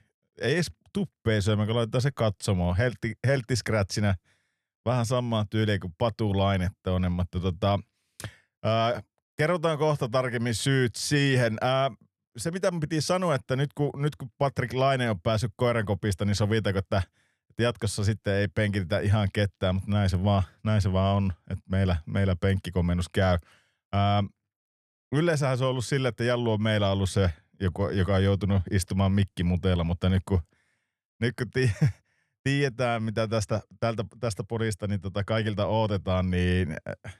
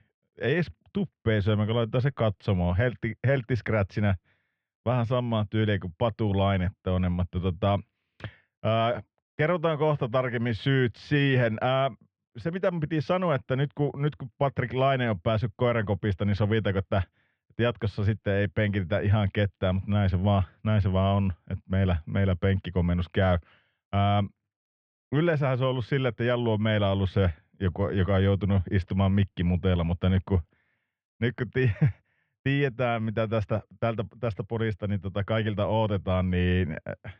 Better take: first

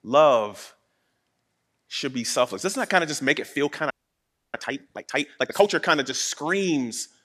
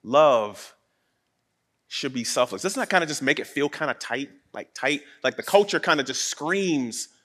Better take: second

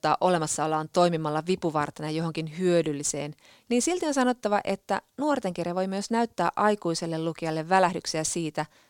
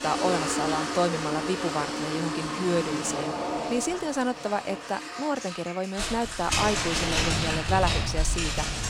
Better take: first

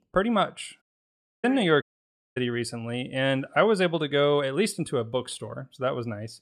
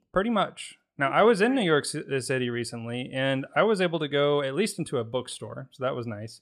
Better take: second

